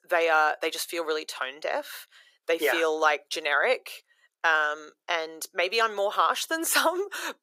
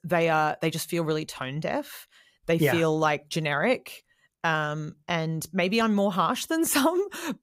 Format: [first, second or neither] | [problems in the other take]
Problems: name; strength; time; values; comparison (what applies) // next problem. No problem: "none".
second | thin; very; fading below 400 Hz